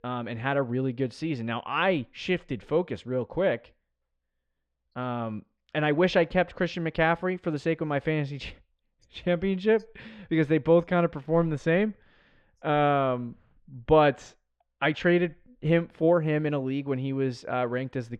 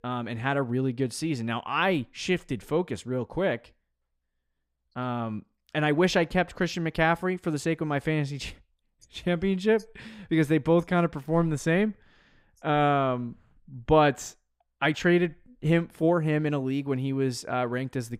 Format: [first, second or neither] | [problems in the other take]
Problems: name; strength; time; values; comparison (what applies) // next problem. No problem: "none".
second | muffled; slightly; fading above 3.5 kHz